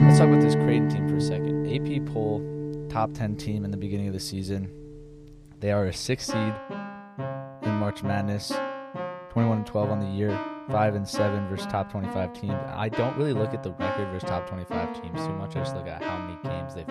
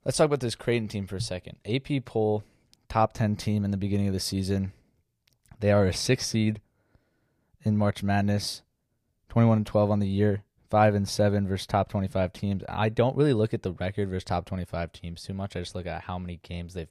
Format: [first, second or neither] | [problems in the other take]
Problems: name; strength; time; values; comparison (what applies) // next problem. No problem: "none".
second | background music; very loud; throughout; 1 dB above the speech